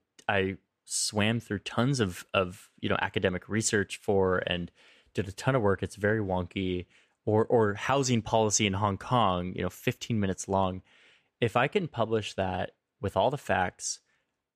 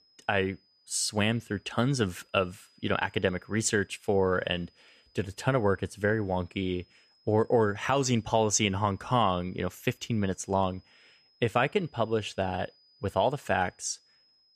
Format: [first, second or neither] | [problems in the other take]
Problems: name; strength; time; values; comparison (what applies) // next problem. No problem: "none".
first | high-pitched whine; faint; throughout; 5 kHz, 35 dB below the speech